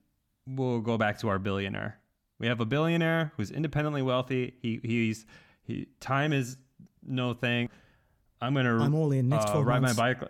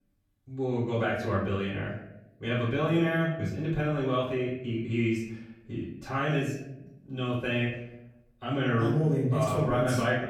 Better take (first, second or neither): first